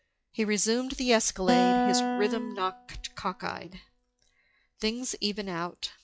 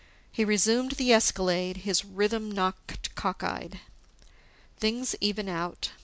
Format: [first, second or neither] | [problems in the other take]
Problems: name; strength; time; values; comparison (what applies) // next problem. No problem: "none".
second | noise reduction (classical method log-MMSE)